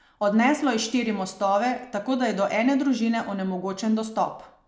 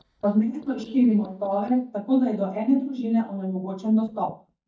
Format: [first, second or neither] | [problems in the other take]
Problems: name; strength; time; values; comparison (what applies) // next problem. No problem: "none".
first | noise reduction (neural mask model DeepFilterNet 3)